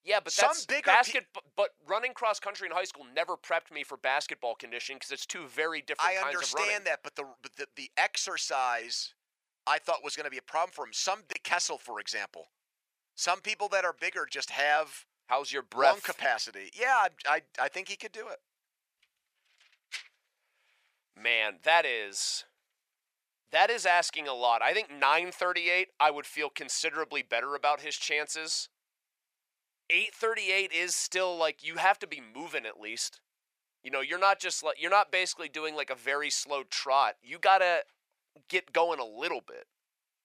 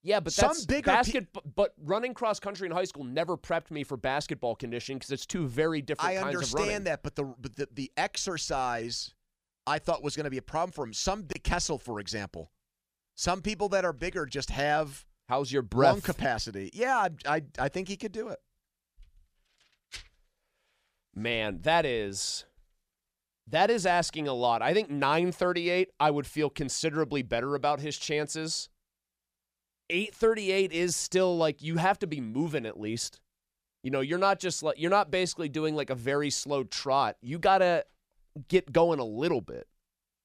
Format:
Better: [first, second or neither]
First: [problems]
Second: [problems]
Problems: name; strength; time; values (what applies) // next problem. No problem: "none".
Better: second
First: thin; very; fading below 750 Hz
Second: none